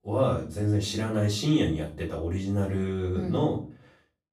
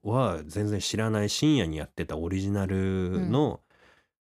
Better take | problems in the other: second | off-mic speech; far // room echo; slight; dies away in 0.3 s

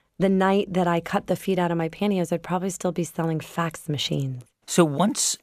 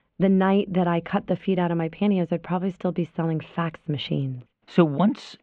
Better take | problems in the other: first | muffled; very; fading above 3 kHz

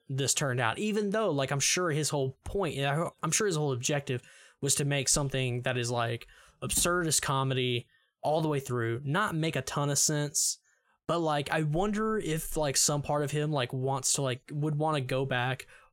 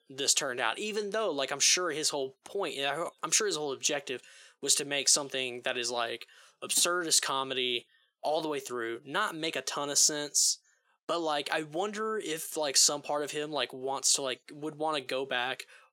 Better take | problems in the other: first | thin; somewhat; fading below 300 Hz

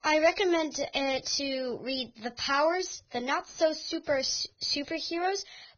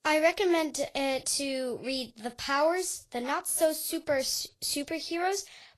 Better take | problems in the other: second | garbled, watery; badly; nothing above 6.5 kHz; slightly in the second

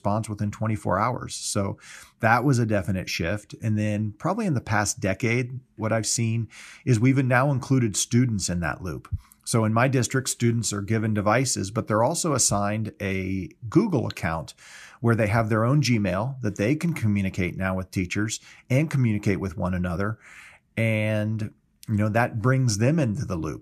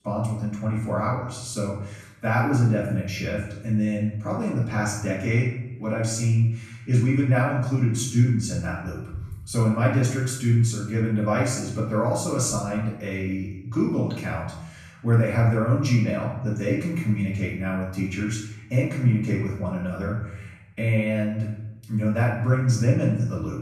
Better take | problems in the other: first | room echo; noticeable; dies away in 0.8 s // off-mic speech; far

